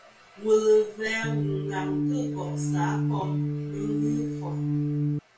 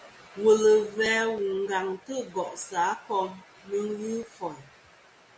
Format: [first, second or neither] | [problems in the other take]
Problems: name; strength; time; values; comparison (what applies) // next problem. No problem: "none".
second | background sound (Organ); 2 dB above the speech // room echo; dies away in 0.2 s